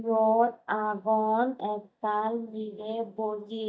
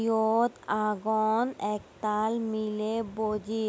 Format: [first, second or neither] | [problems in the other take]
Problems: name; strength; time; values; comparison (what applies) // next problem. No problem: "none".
second | noise reduction (neural mask model DeepFilterNet 3)